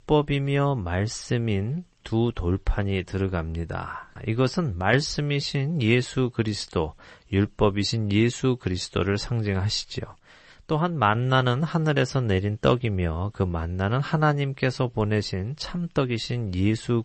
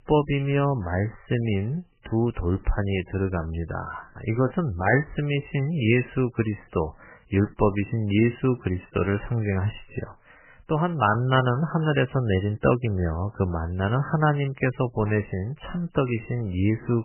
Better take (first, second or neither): first